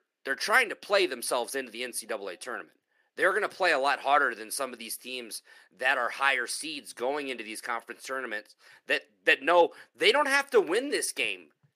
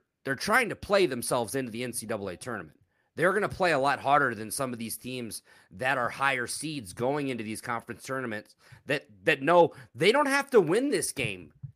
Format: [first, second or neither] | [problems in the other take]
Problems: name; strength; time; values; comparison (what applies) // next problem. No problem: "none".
second | thin; somewhat; fading below 350 Hz